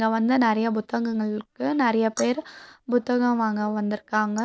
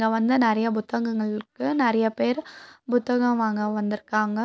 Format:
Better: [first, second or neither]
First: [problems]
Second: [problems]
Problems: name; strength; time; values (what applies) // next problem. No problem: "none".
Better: second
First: noise reduction (neural mask model Resemble Enhance denoiser)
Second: none